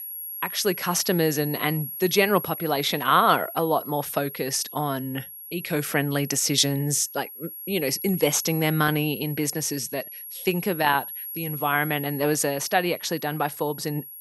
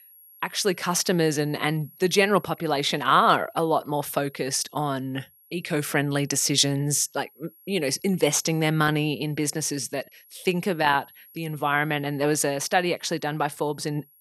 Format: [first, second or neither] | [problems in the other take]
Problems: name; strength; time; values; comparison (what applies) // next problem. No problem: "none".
second | high-pitched whine; loud; throughout; 11.5 kHz, 10 dB below the speech; faint in the second